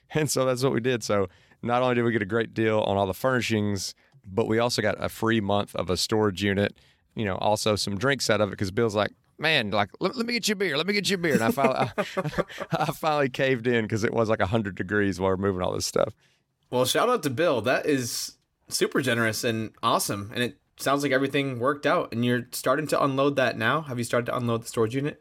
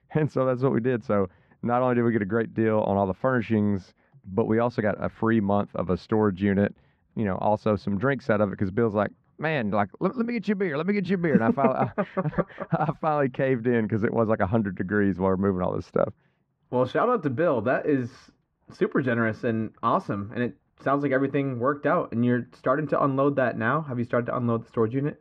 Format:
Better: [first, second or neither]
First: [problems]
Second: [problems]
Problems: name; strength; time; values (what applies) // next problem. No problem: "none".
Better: first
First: none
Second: muffled; very; fading above 1.5 kHz